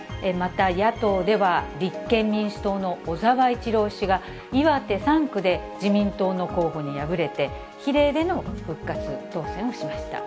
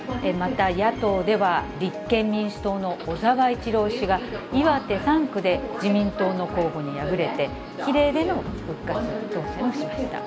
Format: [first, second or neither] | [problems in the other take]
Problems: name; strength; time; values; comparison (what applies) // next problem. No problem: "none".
first | background sound (Subway, metro, underground); 9 dB below the speech